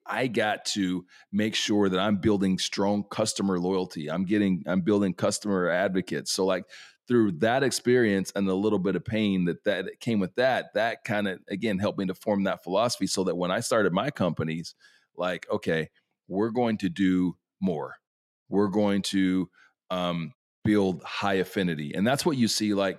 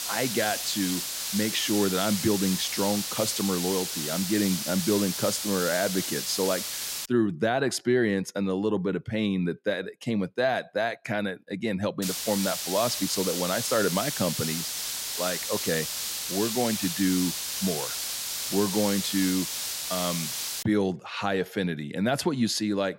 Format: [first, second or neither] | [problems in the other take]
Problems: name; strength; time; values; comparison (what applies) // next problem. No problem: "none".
first | hiss; loud; until 7 s and from 12 to 21 s; 2 dB below the speech